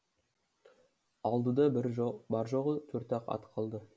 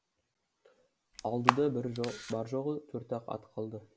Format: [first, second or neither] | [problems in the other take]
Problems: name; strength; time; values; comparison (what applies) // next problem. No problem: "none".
first | background sound (Camera); 1 dB above the speech